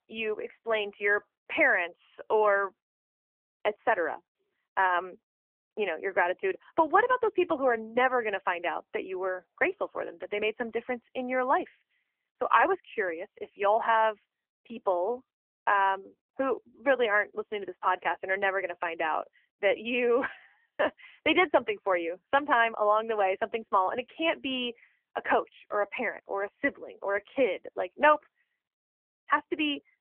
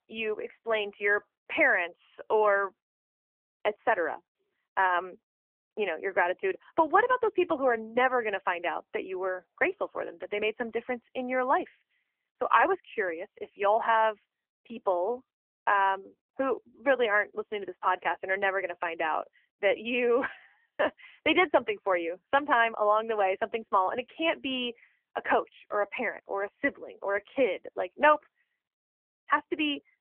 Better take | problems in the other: neither | phone-call audio; nothing above 3 kHz; the same in both

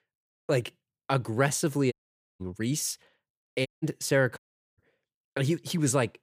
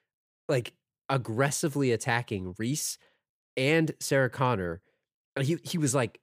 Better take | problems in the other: second | audio cutting out; at 2 s, at 3.5 s and at 4.5 s

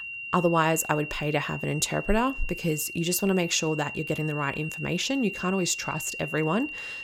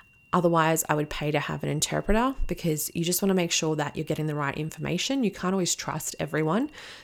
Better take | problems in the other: second | high-pitched whine; loud; throughout; 3 kHz, 8 dB below the speech; faint in the second

